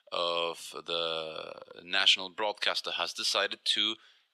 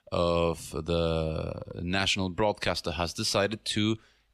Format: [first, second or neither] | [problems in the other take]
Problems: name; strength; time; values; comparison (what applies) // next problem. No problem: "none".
second | thin; very; fading below 500 Hz